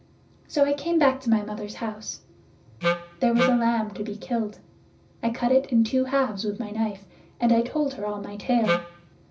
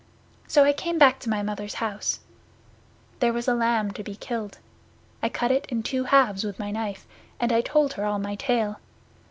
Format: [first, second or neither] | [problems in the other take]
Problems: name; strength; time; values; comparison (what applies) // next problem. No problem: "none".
second | background sound (Wind instrument, woodwind instrument); 2 dB below the speech // room echo; dies away in 0.4 s